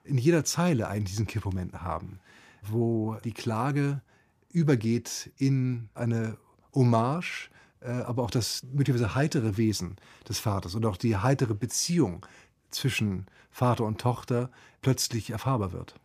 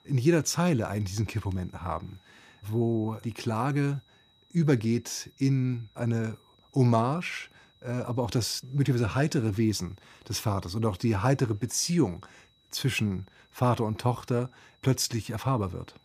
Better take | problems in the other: first | high-pitched whine; faint; throughout; 4 kHz, 35 dB below the speech

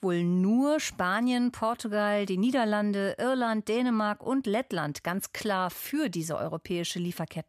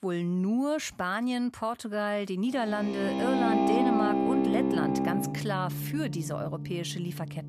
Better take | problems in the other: first | background music; very loud; from 3 s on; 2 dB above the speech

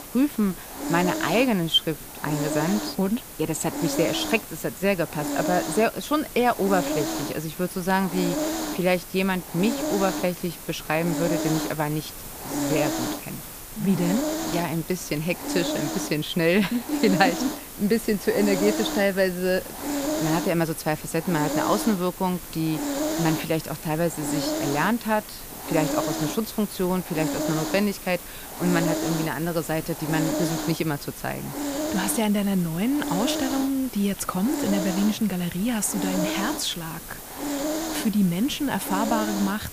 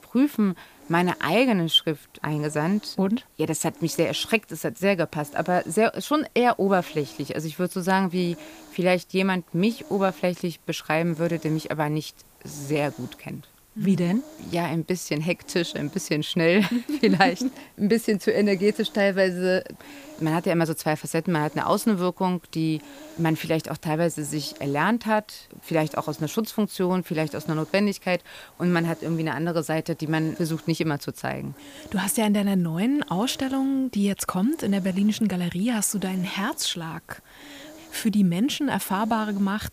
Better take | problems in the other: second | hiss; loud; throughout; 5 dB below the speech; faint in the second

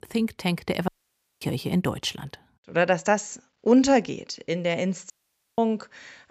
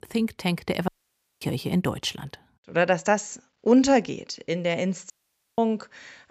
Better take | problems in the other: neither | audio cutting out; at 1 s for 0.5 s and at 5 s; the same in both

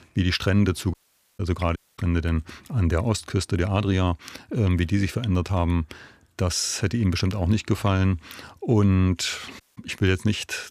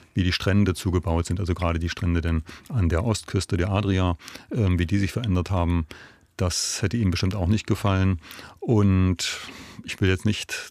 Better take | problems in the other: second | audio cutting out; at 1 s, at 2 s and at 9.5 s

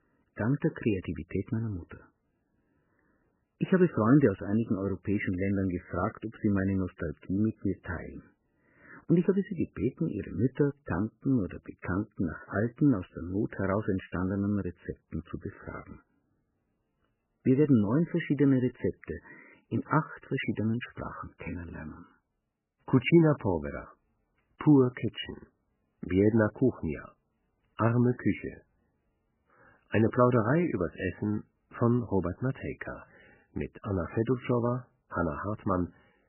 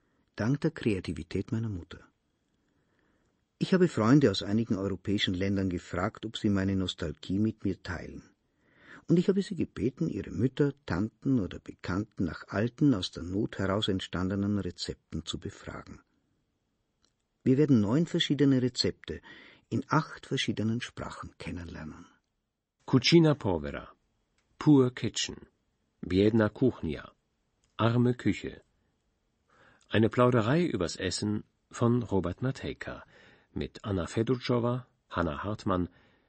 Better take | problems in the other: second | garbled, watery; badly; nothing above 3 kHz; slightly in the second

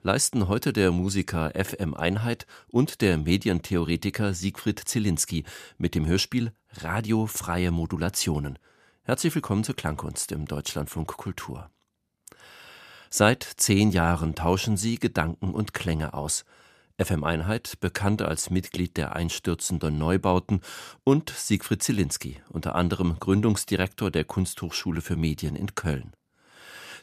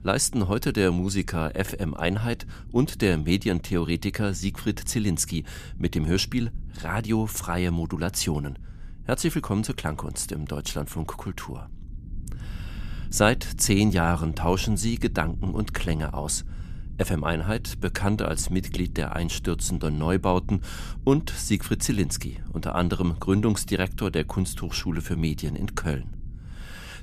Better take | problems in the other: first | low rumble; faint; throughout; 25 dB below the speech

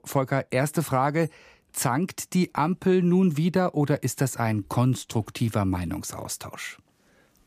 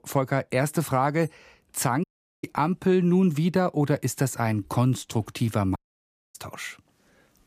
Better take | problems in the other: first | audio cutting out; at 2 s and at 6 s for 0.5 s

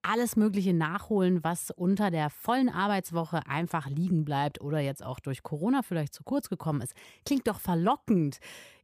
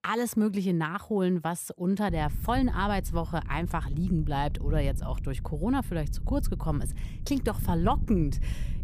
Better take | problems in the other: first | wind noise on the microphone; occasional gusts; from 2 s on; 20 dB below the speech

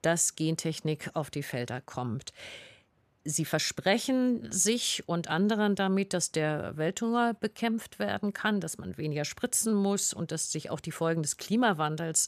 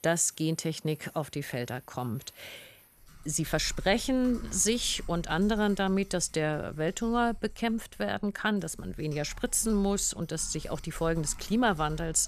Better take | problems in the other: first | household noises; faint; throughout; 20 dB below the speech

